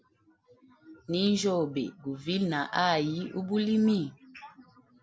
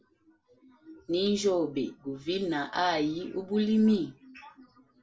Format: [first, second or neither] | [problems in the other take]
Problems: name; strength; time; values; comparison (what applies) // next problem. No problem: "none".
first | room echo; dies away in 0.2 s